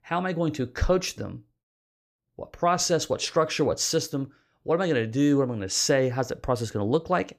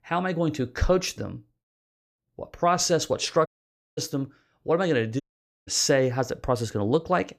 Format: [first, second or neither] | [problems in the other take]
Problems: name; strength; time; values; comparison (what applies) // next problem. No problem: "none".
first | audio cutting out; at 3.5 s for 0.5 s and at 5 s